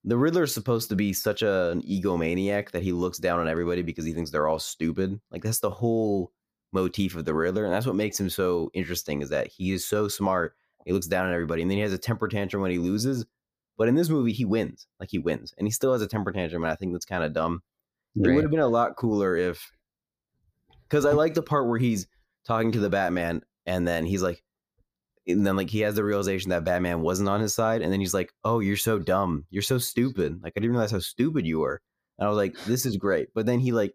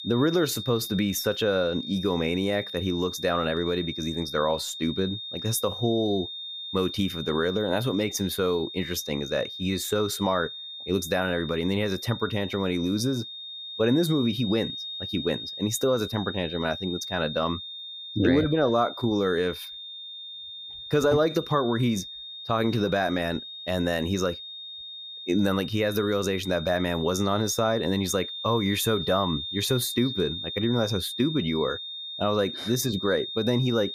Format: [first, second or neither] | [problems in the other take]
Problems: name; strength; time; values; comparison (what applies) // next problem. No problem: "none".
first | high-pitched whine; loud; throughout; 3.5 kHz, 8 dB below the speech